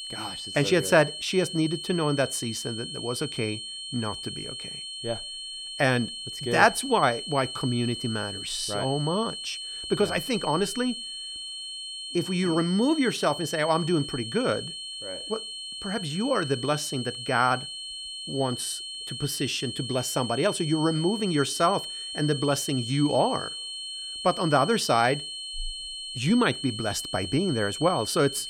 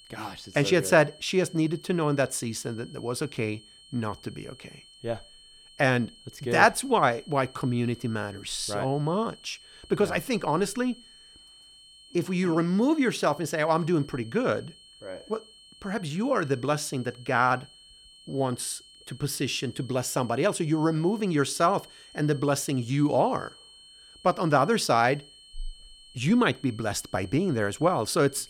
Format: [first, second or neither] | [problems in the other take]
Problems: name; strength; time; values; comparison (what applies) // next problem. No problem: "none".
second | high-pitched whine; loud; throughout; 3 kHz, 7 dB below the speech; faint in the second